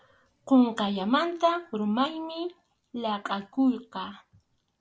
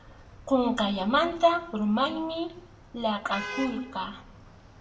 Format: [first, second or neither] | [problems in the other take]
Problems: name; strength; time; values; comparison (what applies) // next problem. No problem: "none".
first | background sound (Traffic noise, roadway noise / Vehicle horn, car horn, honking); 16 dB below the speech // room echo; dies away in 0.6 s